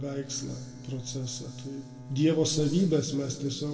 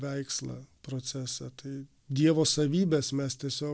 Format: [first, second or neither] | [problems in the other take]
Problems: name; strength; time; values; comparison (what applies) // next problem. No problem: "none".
second | background sound (Bowed string instrument); 17 dB below the speech // room echo; dies away in 1.9 s